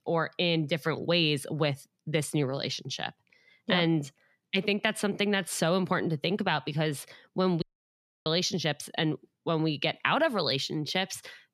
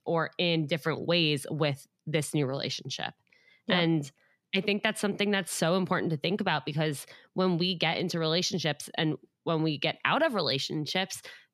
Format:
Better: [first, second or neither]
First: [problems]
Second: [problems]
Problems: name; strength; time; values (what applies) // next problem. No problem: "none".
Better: second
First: audio cutting out; at 7.5 s for 0.5 s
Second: none